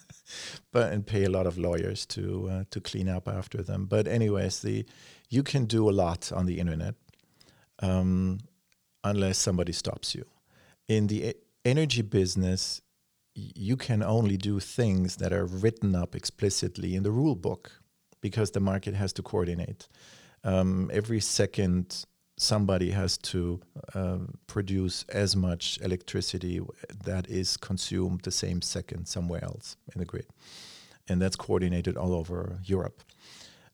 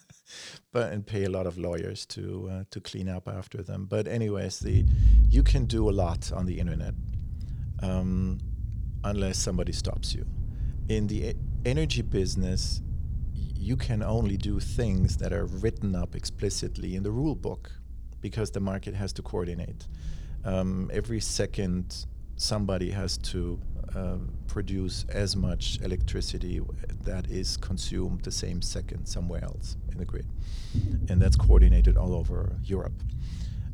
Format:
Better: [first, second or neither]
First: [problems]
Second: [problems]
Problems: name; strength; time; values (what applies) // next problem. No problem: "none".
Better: first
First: none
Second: low rumble; noticeable; from 4.5 s on; 15 dB below the speech